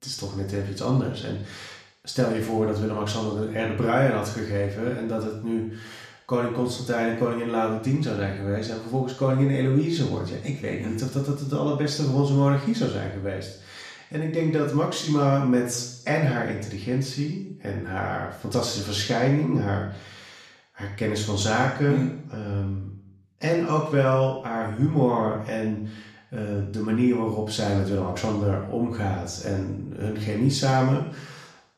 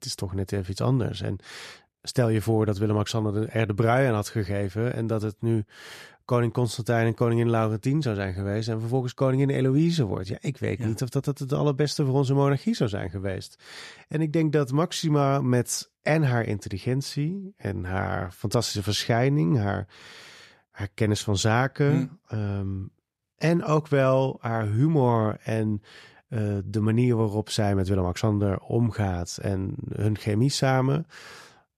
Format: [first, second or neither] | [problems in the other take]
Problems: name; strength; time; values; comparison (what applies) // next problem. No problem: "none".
second | room echo; noticeable; dies away in 0.7 s // off-mic speech; somewhat distant